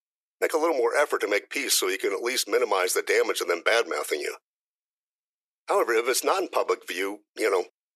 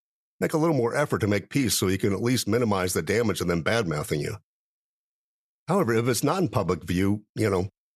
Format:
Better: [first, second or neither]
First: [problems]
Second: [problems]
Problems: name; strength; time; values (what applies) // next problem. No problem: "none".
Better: second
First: thin; very; fading below 400 Hz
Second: none